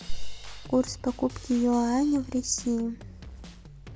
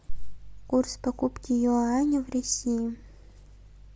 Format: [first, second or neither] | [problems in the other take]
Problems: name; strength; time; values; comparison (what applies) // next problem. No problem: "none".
second | background sound (Drum kit); 19 dB below the speech